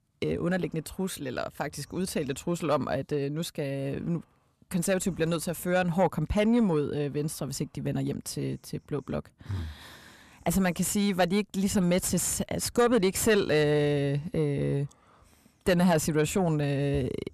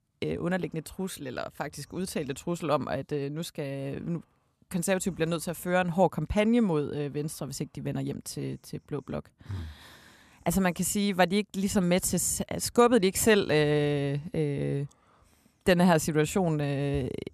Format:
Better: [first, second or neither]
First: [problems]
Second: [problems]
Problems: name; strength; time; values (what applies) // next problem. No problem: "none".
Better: second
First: distortion; slight; 10 dB below the speech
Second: none